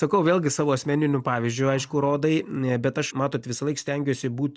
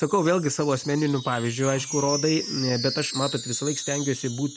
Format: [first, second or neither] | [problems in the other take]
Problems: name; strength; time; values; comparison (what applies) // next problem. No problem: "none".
first | background sound (Wind chime); 9 dB below the speech